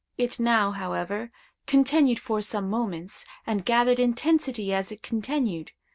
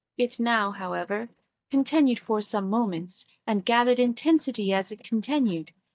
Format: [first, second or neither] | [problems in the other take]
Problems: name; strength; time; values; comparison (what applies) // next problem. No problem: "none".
first | noise reduction (neural mask model DeepFilterNet 3)